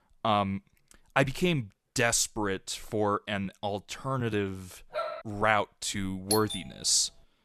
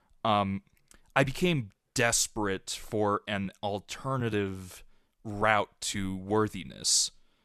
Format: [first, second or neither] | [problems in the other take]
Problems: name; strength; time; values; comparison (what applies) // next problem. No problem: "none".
second | dog barking; noticeable; at 5 s; peak 6 dB below the speech // doorbell; noticeable; at 6.5 s; peak 2 dB below the speech